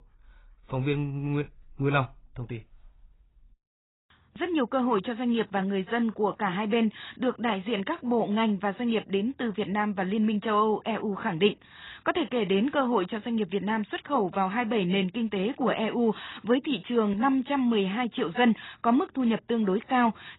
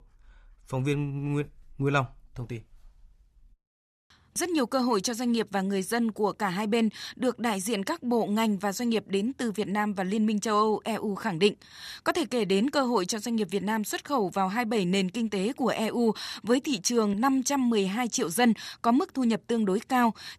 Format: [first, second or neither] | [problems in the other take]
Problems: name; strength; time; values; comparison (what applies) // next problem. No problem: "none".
second | garbled, watery; badly; nothing above 4 kHz